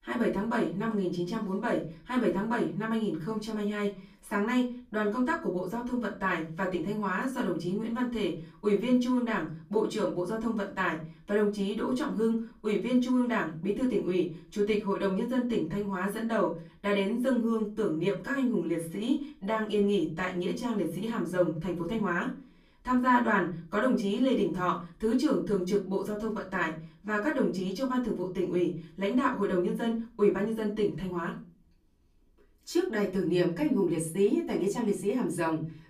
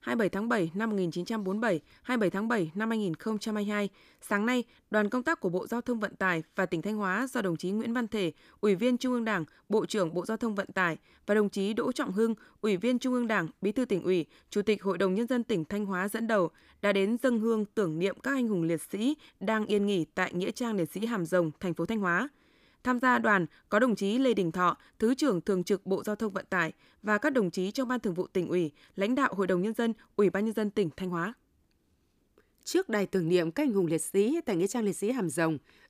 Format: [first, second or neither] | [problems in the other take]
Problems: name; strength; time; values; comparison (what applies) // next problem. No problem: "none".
second | off-mic speech; far // room echo; slight; dies away in 0.4 s